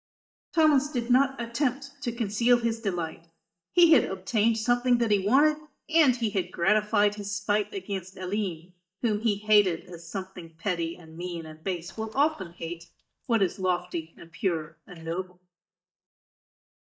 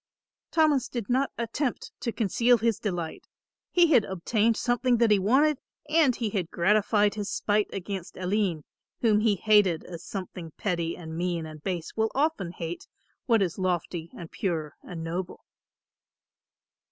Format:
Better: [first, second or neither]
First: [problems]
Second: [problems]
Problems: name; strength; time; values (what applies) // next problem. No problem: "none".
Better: second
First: noise reduction (neural mask model DeepFilterNet 3)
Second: none